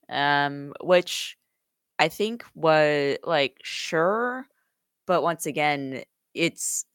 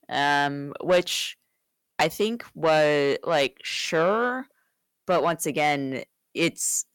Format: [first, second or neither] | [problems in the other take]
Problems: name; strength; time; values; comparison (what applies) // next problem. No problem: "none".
first | distortion; slight; 10 dB below the speech